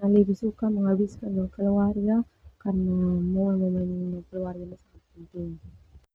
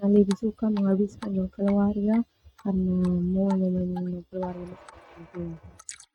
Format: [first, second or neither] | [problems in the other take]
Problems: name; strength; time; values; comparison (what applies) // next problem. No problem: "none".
first | noise reduction (neural mask model RNNoise)